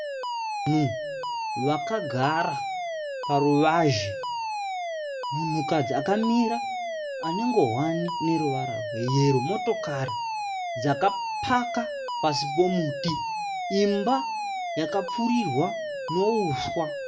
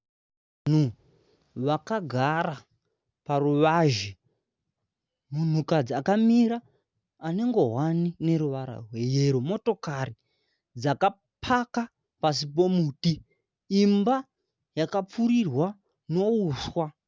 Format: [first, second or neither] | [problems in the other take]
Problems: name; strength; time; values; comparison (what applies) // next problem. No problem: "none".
second | background sound (Alarm); 4 dB below the speech // room echo; dies away in 0.3 s